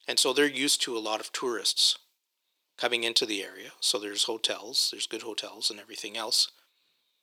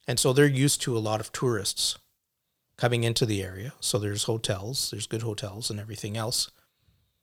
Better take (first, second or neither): second